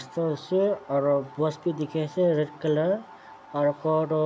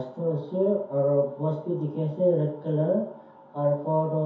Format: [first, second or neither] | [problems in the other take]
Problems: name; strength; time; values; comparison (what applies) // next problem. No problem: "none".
first | room echo; dies away in 0.6 s